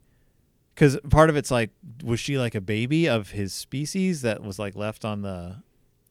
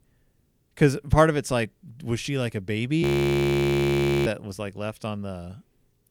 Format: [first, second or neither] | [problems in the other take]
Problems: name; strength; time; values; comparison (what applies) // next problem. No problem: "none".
first | audio freezing; at 3 s for 1 s